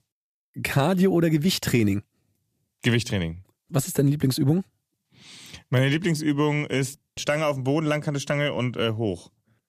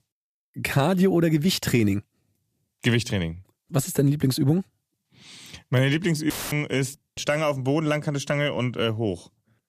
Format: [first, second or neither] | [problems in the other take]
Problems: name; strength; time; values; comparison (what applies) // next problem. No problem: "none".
first | audio cutting out; filled with static; at 6.5 s